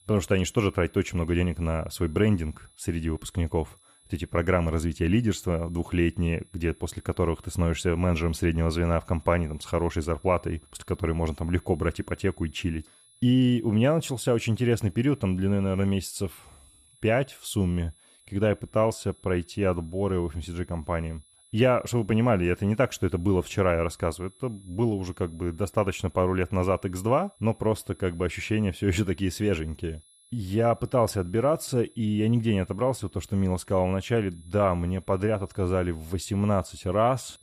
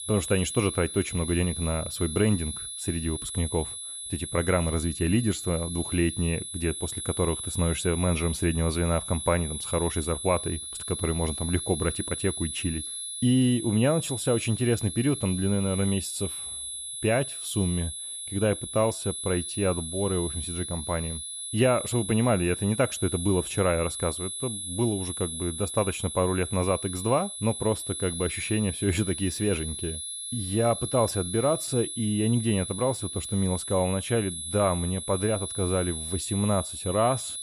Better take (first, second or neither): first